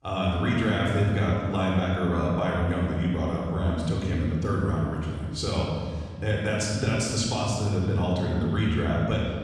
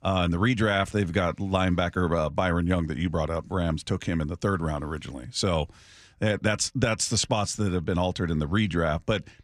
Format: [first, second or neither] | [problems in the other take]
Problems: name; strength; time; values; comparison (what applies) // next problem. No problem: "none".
second | off-mic speech; far // room echo; strong; dies away in 2.3 s